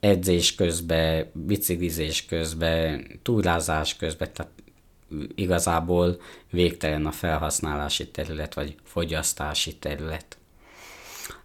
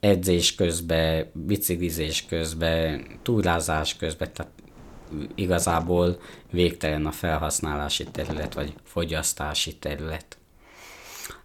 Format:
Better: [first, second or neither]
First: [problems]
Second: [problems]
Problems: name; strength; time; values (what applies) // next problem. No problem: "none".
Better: first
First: none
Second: wind noise on the microphone; occasional gusts; from 2 to 9 s; 20 dB below the speech